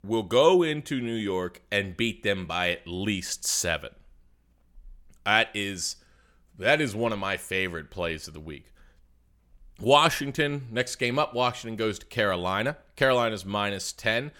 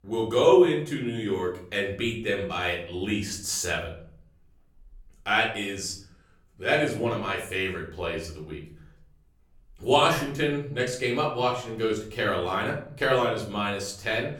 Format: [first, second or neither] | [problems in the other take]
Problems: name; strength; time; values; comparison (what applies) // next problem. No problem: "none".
first | room echo; slight; dies away in 0.5 s // off-mic speech; far